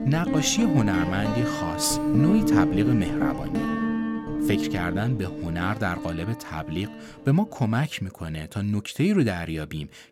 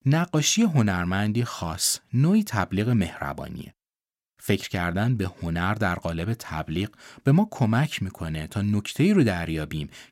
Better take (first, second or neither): second